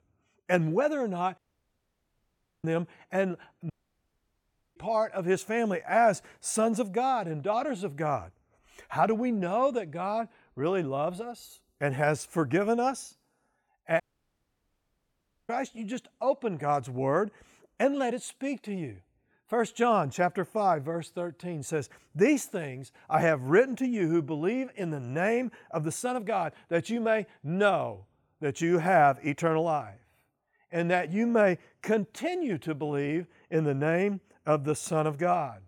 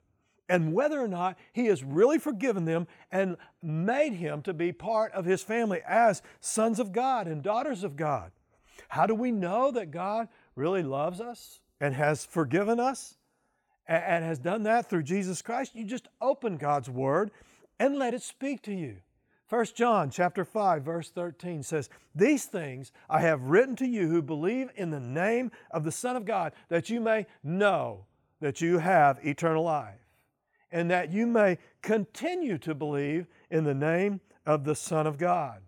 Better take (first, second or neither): second